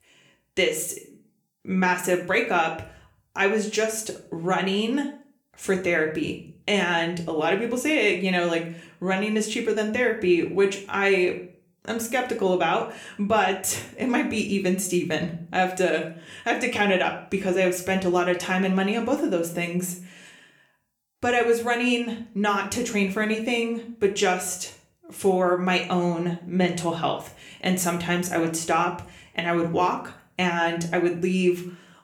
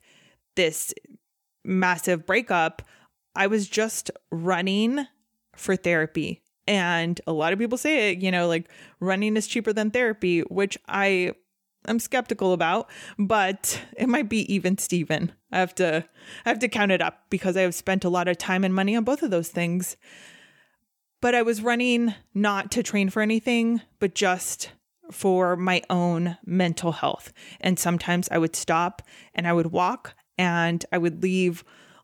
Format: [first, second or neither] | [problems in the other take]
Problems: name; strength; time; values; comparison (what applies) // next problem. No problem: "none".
second | room echo; slight; dies away in 0.4 s // off-mic speech; somewhat distant